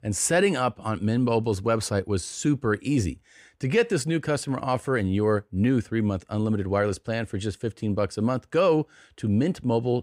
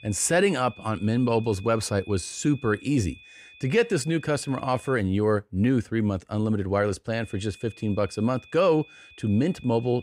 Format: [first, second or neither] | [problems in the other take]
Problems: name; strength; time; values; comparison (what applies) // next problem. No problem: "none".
first | high-pitched whine; faint; until 5 s and from 7 s on; 2.5 kHz, 20 dB below the speech